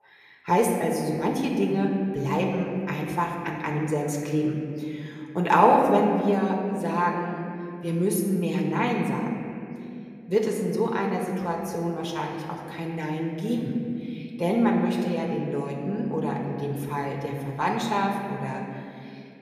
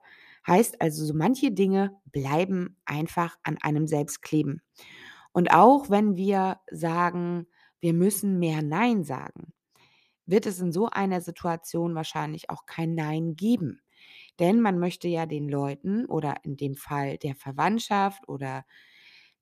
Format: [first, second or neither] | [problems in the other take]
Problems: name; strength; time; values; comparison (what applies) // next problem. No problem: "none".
second | room echo; noticeable; dies away in 2.3 s // off-mic speech; somewhat distant